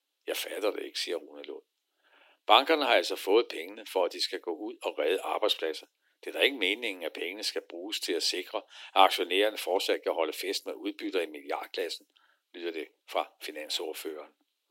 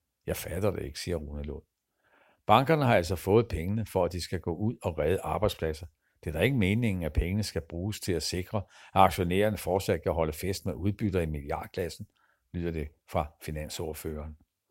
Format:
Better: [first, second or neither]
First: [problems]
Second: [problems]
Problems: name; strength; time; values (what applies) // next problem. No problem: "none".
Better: second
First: thin; very; fading below 300 Hz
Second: none